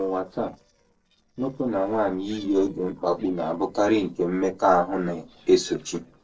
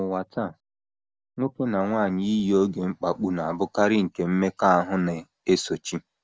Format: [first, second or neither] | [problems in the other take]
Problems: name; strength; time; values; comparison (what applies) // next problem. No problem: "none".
second | noise reduction (neural separator model SepFormer DNS4)